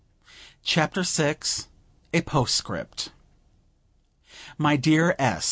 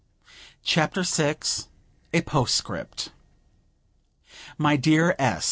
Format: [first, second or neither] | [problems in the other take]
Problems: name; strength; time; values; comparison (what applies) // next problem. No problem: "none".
first | noise reduction (neural separator model SepFormer DNS4)